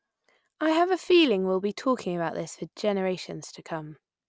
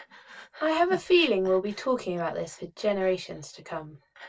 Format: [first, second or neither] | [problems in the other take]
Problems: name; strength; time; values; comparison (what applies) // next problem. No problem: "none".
first | noise reduction (neural separator model SepFormer DNS4)